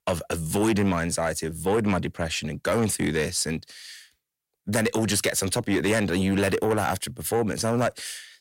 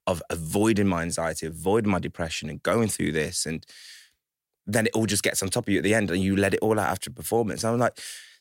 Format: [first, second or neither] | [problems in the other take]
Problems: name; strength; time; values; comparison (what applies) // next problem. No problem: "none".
second | distortion; slight; 10 dB below the speech